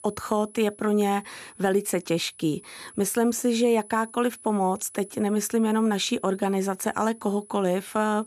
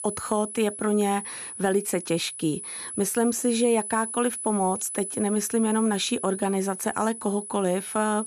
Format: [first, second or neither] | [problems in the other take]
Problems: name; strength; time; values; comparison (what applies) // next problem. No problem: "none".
first | high-pitched whine; loud; throughout; 10 kHz, 8 dB below the speech; faint in the first